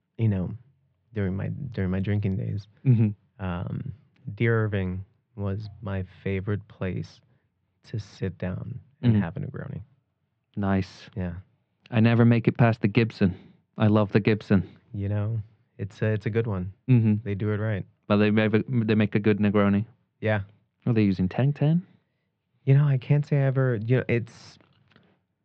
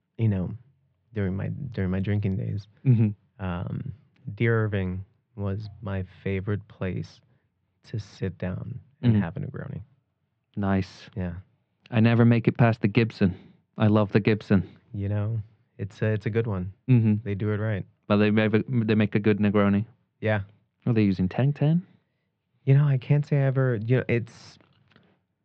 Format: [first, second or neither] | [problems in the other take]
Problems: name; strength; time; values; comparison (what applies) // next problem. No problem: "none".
neither | muffled; very slightly; fading above 3 kHz; the same in both